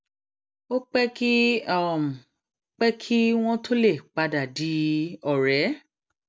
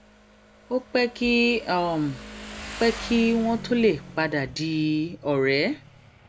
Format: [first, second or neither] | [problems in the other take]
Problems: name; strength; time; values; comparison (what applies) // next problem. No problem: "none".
first | background sound (Motorcycle); 16 dB below the speech